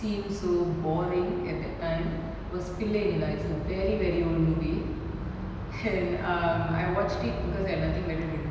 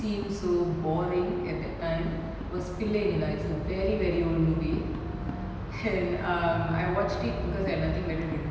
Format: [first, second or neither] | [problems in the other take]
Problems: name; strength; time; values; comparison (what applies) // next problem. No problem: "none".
first | background sound (Tap); 18 dB below the speech